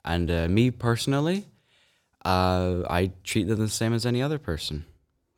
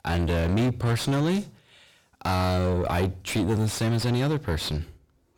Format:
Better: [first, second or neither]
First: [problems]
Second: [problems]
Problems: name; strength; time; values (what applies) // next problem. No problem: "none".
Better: first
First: none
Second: distortion; heavy; 6 dB below the speech